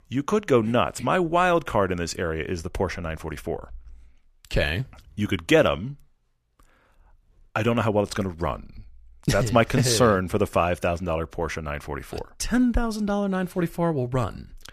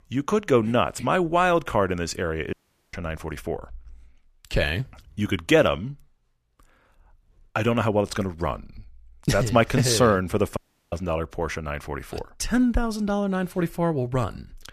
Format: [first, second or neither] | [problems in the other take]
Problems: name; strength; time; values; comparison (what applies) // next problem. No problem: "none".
first | audio cutting out; at 2.5 s and at 11 s